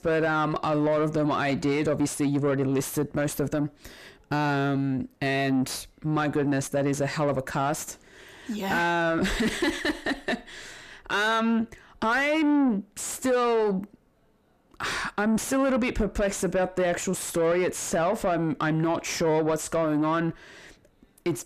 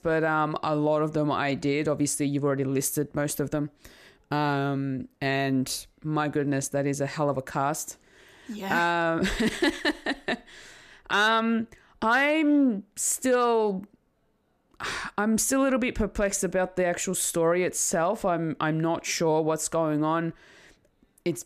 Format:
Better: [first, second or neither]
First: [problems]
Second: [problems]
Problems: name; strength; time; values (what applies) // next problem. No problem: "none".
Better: second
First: distortion; slight; 9 dB below the speech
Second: none